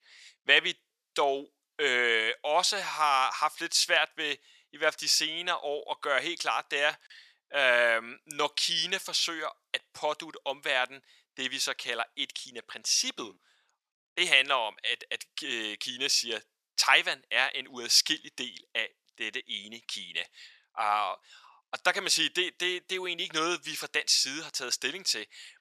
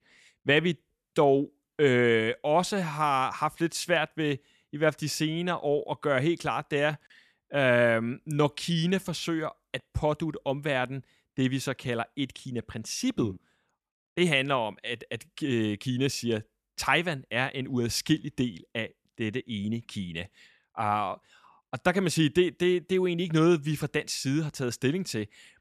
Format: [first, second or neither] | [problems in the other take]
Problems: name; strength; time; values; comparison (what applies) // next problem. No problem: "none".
second | thin; very; fading below 750 Hz